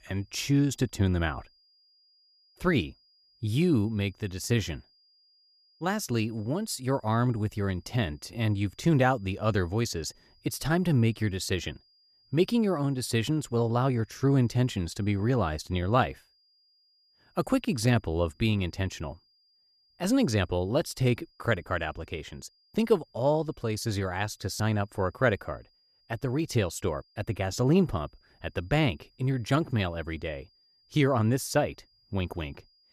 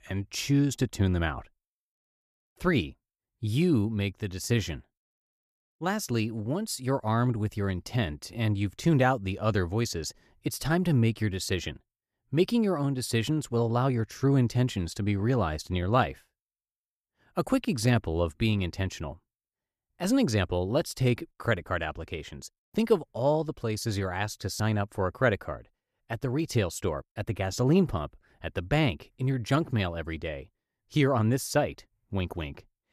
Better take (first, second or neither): second